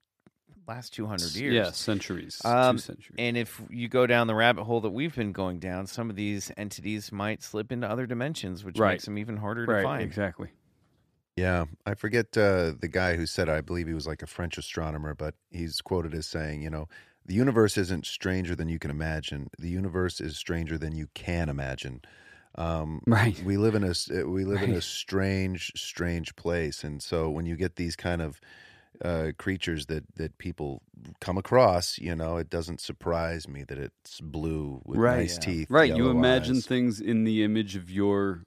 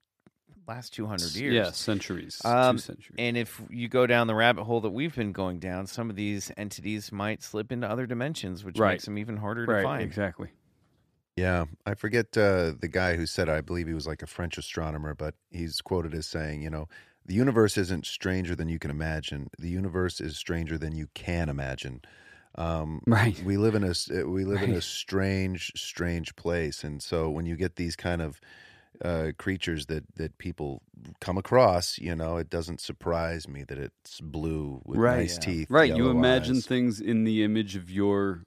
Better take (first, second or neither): neither